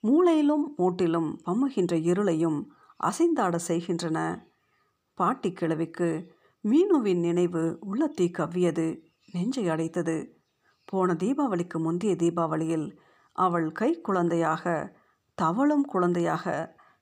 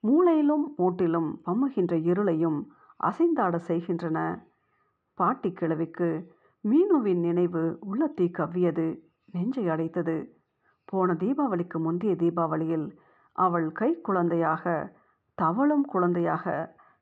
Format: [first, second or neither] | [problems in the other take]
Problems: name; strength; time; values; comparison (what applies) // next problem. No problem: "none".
first | muffled; very; fading above 1.5 kHz